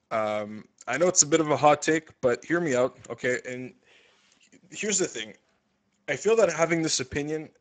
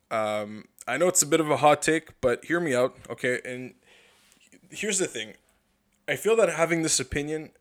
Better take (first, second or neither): second